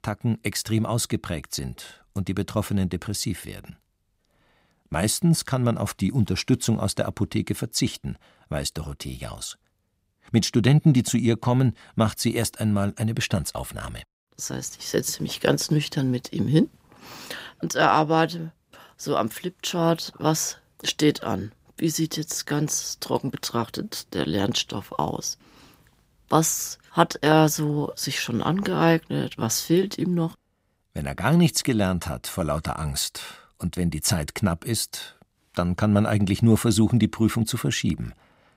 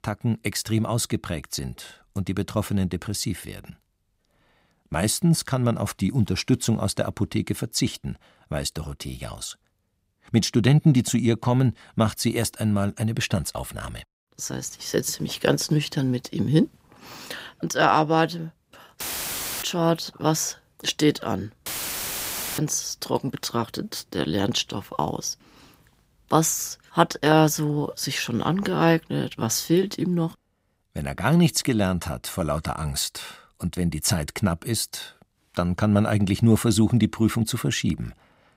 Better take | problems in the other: first | audio cutting out; filled with static; at 19 s for 0.5 s and at 22 s for 1 s

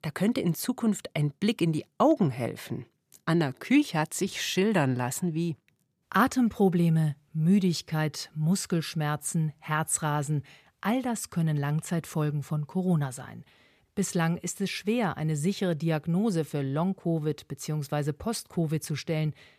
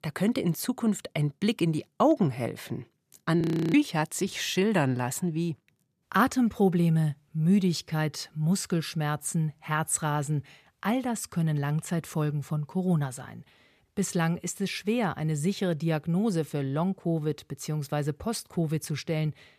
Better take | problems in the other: first | audio freezing; at 3.5 s

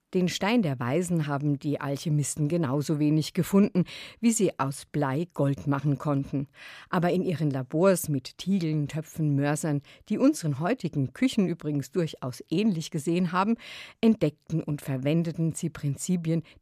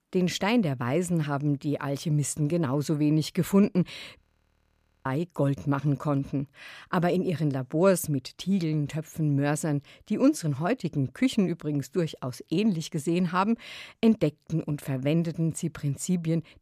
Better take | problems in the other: first | audio freezing; at 4 s for 1 s

